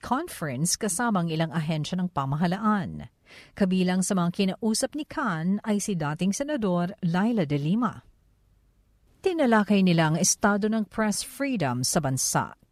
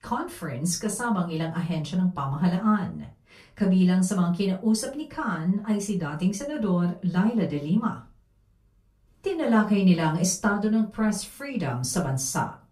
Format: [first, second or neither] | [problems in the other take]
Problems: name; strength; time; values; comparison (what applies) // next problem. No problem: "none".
first | off-mic speech; far // room echo; very slight; dies away in 0.2 s